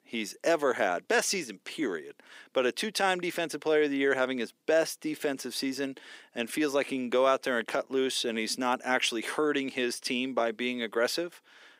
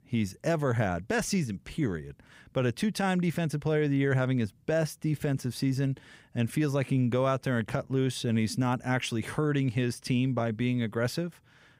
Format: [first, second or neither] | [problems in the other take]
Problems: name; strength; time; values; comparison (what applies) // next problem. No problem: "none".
second | thin; somewhat; fading below 300 Hz